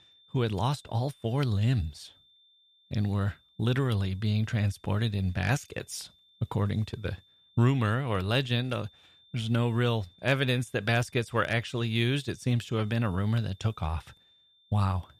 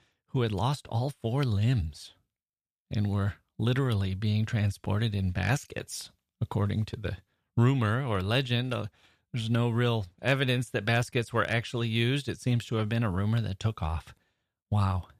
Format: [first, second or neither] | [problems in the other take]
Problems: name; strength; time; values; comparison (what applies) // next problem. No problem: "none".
second | high-pitched whine; faint; throughout; 3.5 kHz, 30 dB below the speech